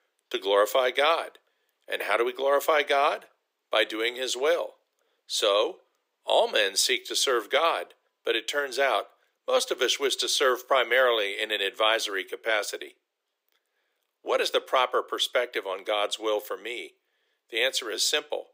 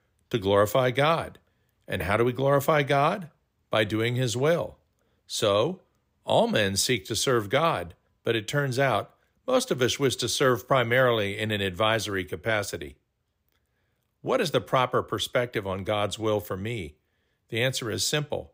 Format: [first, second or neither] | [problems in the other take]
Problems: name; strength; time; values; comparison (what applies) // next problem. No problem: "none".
second | thin; very; fading below 350 Hz